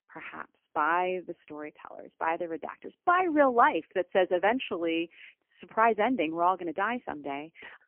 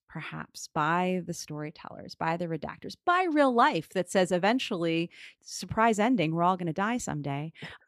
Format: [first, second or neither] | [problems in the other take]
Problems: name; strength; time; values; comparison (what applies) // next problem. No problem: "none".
second | phone-call audio; poor line; nothing above 3 kHz